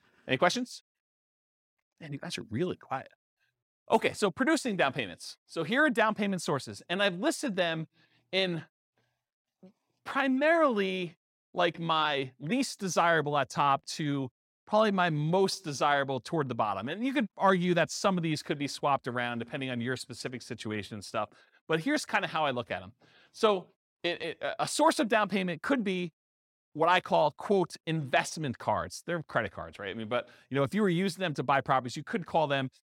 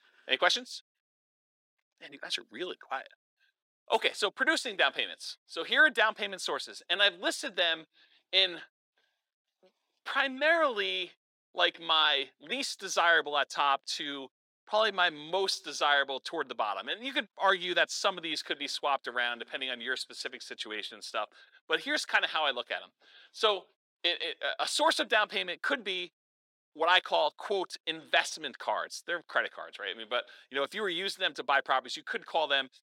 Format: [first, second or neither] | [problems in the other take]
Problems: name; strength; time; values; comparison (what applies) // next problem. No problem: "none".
first | thin; somewhat; fading below 400 Hz